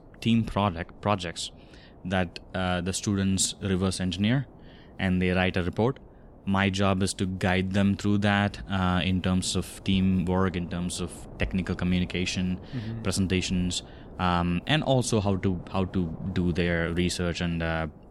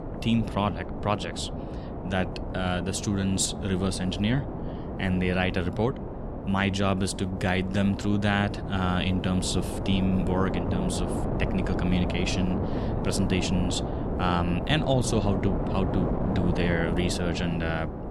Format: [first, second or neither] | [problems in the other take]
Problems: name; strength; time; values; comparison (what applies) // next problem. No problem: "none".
first | wind noise on the microphone; heavy; 5 dB below the speech; occasional gusts in the first